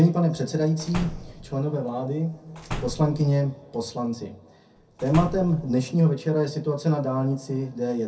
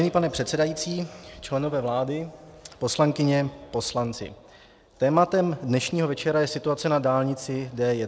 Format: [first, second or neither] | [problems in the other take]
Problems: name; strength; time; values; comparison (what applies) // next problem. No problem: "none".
second | background sound (Slam); 10 dB below the speech // room echo; dies away in 0.3 s